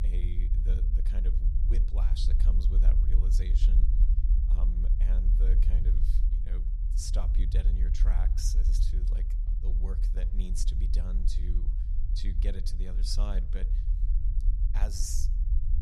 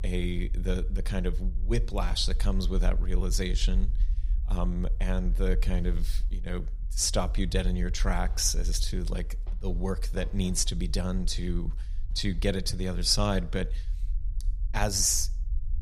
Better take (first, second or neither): second